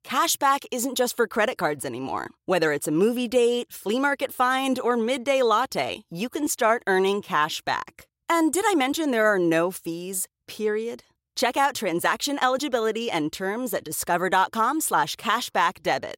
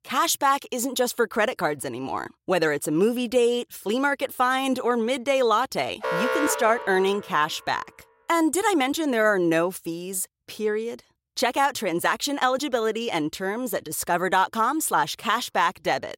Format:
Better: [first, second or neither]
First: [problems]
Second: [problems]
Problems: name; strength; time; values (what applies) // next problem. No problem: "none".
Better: first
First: none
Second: alarm; noticeable; from 6 to 7.5 s; peak level with the speech